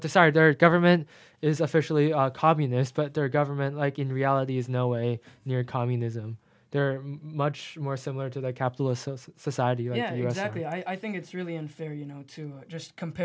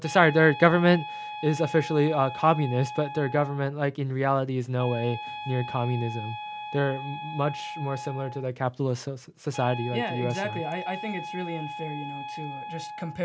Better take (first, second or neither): first